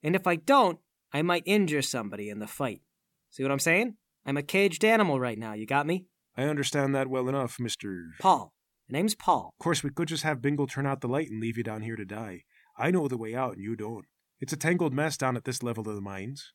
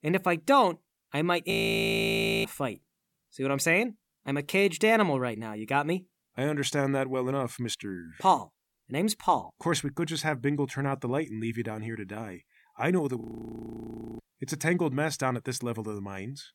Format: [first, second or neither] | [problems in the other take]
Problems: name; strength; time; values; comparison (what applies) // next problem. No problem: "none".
first | audio freezing; at 1.5 s for 1 s and at 13 s for 1 s